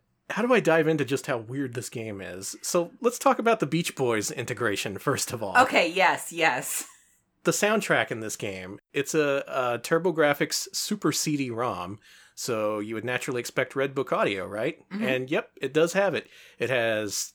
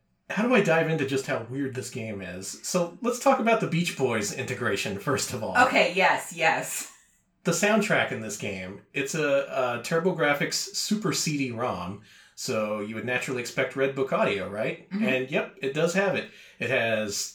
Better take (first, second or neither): first